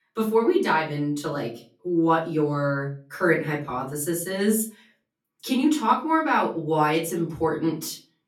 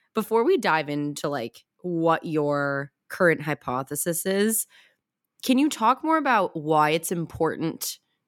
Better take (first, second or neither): second